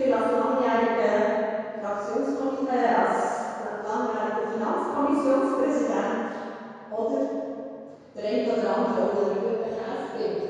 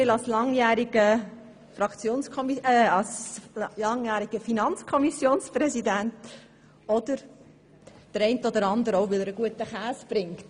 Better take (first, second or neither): second